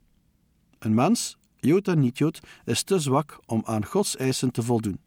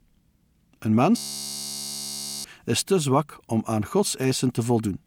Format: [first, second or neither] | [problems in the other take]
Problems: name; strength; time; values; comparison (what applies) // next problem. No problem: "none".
first | audio freezing; at 1 s for 1.5 s